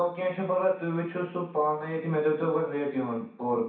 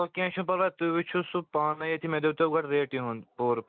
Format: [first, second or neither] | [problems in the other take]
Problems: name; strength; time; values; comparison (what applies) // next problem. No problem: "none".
second | room echo; dies away in 0.6 s